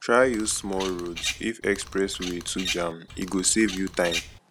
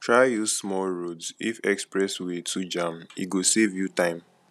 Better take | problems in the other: second | background sound (Bird vocalization, bird call, bird song); 10 dB below the speech

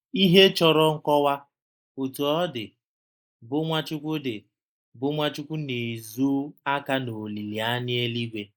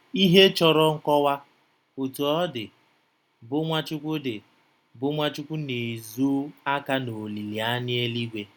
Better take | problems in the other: second | noise reduction (neural mask model Resemble Enhance denoiser)

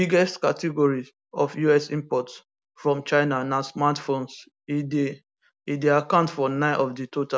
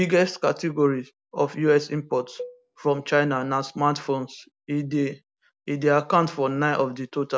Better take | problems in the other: first | background sound (Cowbell); 20 dB below the speech

